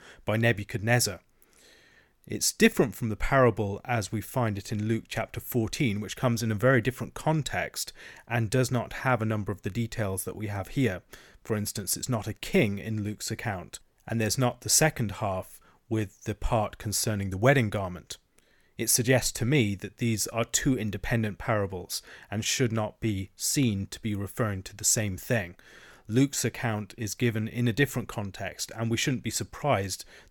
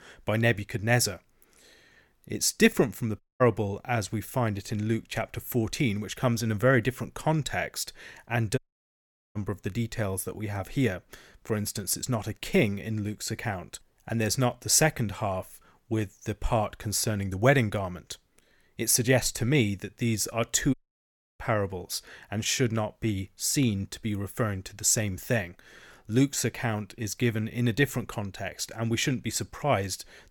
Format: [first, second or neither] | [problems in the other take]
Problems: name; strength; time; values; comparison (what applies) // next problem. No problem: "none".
first | audio cutting out; at 3 s, at 8.5 s for 1 s and at 21 s for 0.5 s